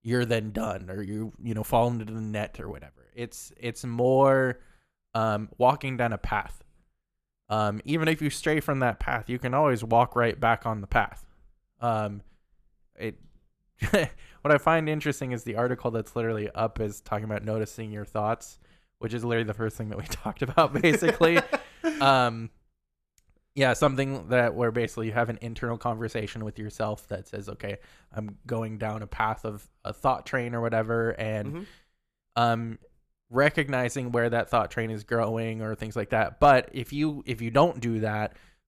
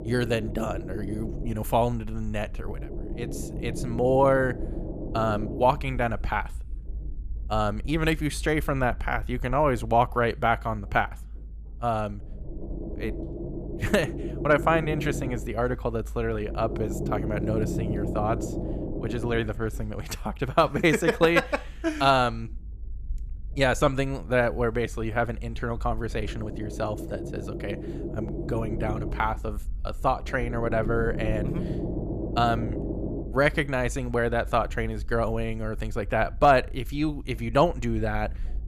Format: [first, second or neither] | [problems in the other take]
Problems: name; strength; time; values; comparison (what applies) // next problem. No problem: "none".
first | low rumble; noticeable; throughout; 15 dB below the speech